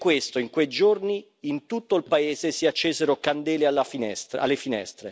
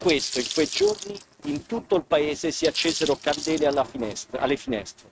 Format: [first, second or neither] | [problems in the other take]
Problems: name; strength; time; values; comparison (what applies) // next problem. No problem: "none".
first | noise reduction (neural mask model RNNoise)